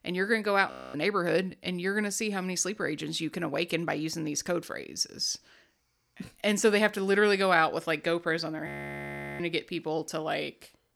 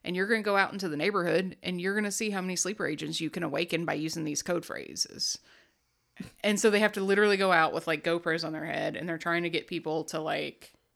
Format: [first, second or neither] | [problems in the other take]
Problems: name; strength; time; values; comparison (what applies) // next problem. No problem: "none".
second | audio freezing; at 0.5 s and at 8.5 s for 0.5 s